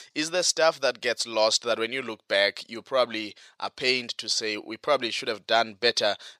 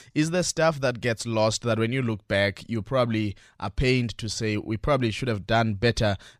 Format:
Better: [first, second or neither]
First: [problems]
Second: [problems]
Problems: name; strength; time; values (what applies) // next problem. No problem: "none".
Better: second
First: thin; very; fading below 500 Hz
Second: none